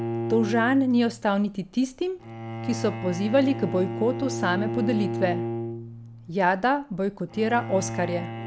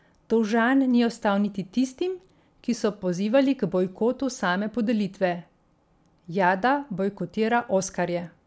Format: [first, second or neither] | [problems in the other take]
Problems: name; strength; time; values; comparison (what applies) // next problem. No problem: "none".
second | background sound (Bowed string instrument); 7 dB below the speech